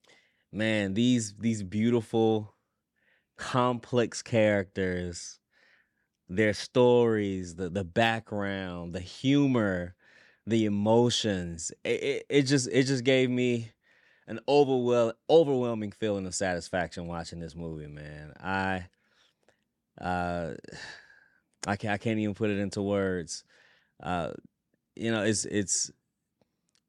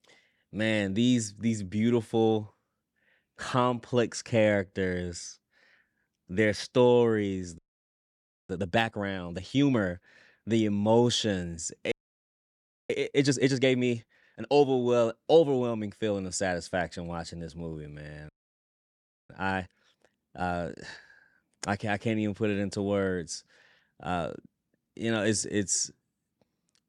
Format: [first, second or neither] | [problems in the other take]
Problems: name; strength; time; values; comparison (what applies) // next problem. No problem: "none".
first | audio freezing; at 7.5 s for 1 s, at 12 s for 1 s and at 18 s for 1 s